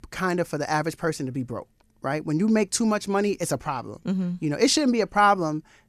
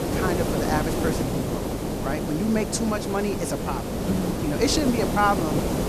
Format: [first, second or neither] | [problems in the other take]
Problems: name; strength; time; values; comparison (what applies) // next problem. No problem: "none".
first | hiss; loud; throughout; as loud as the speech